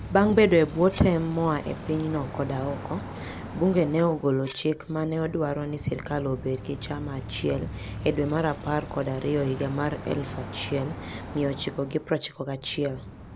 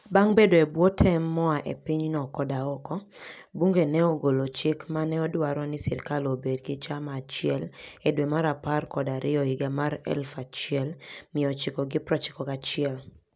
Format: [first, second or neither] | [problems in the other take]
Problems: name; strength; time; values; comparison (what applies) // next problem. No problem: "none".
second | background sound (Cutlery, silverware + Bicycle); 11 dB below the speech